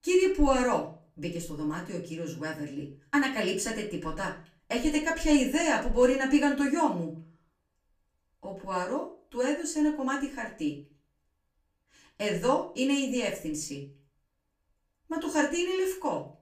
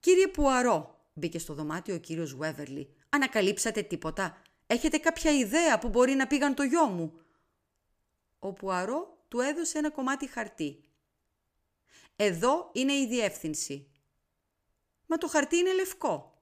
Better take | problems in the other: second | off-mic speech; far // room echo; very slight; dies away in 0.3 s

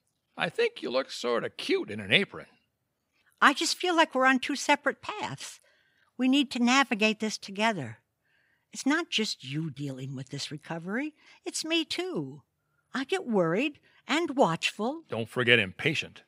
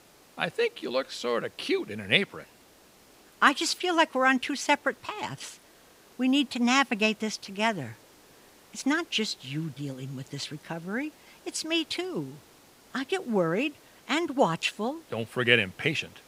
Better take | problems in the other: first | hiss; faint; throughout; 25 dB below the speech

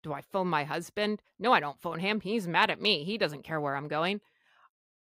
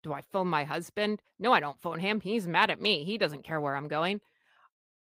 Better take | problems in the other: first | garbled, watery; slightly; nothing above 15.5 kHz

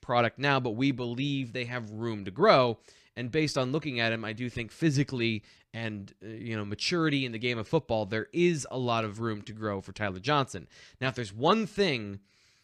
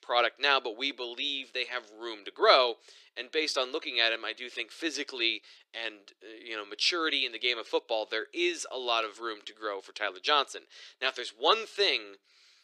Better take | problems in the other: first | thin; very; fading below 350 Hz

